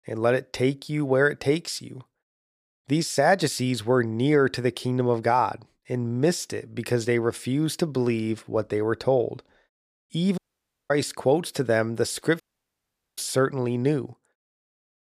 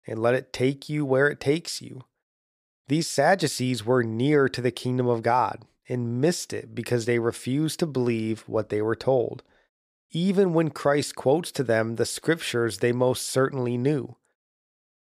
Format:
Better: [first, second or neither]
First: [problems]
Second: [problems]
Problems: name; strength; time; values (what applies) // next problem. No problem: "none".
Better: second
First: audio cutting out; at 10 s for 0.5 s and at 12 s for 1 s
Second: none